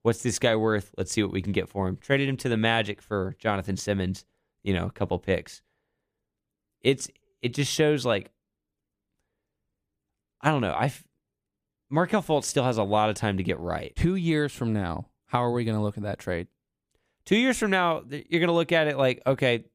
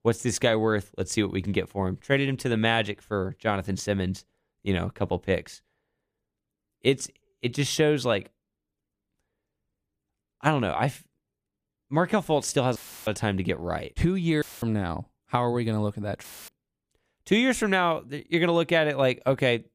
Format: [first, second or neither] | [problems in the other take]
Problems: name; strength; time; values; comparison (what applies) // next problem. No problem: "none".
first | audio cutting out; filled with static; at 13 s, at 14 s and at 16 s